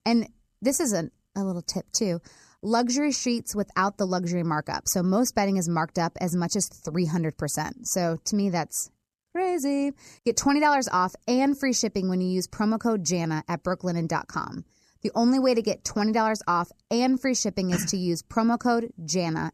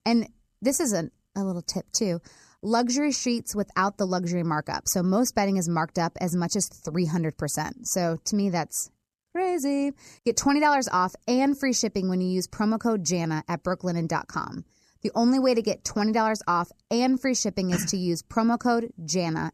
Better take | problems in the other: neither | none

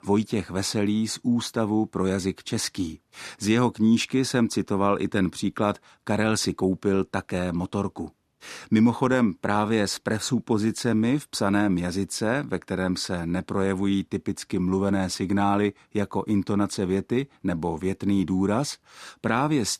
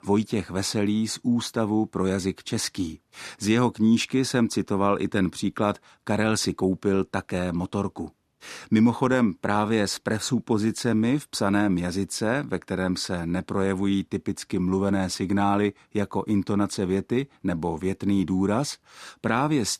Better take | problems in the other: neither | none

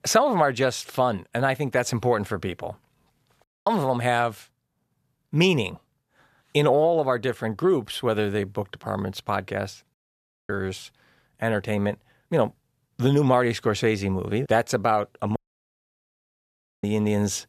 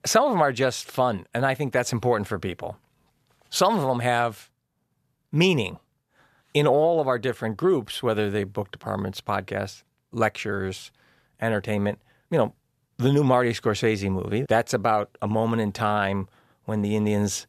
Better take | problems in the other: second | audio cutting out; at 3.5 s, at 10 s for 0.5 s and at 15 s for 1.5 s

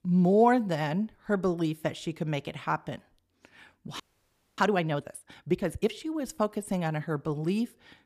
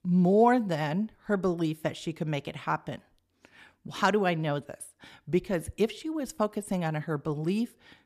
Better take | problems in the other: second | audio freezing; at 4 s for 0.5 s

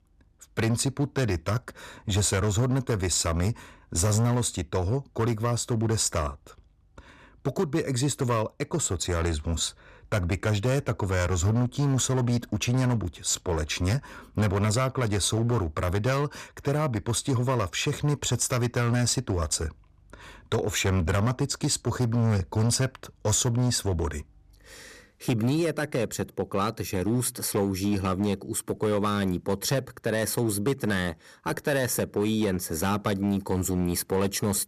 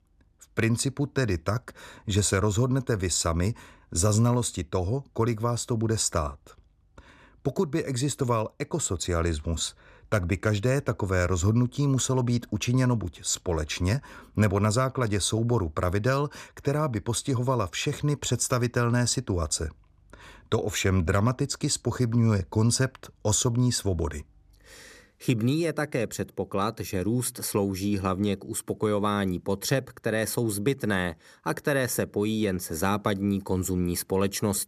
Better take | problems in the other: second | distortion; slight; 8% of the sound clipped

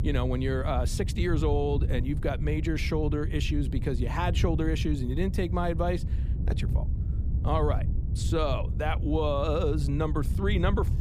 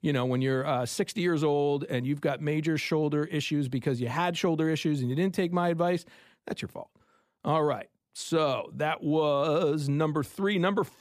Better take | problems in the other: second | low rumble; noticeable; throughout; 15 dB below the speech

